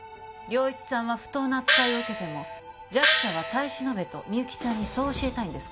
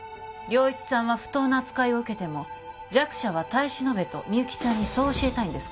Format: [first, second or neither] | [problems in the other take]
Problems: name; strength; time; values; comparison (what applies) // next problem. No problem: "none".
second | background sound (Gong); 3 dB above the speech